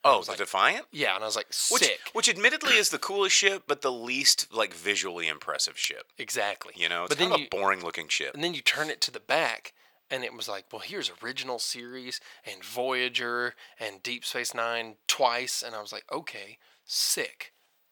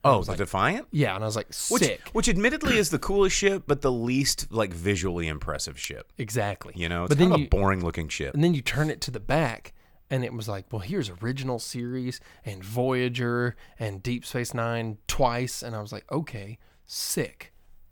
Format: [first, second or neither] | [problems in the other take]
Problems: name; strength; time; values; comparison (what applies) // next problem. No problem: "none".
second | thin; very; fading below 550 Hz